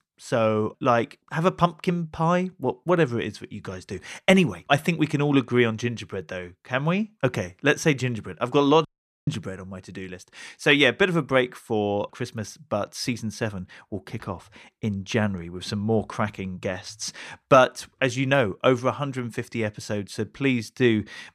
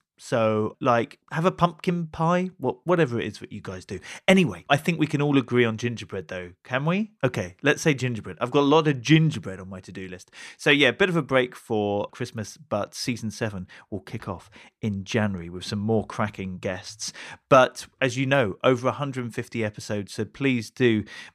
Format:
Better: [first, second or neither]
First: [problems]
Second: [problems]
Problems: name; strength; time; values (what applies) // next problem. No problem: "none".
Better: second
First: audio cutting out; at 9 s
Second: none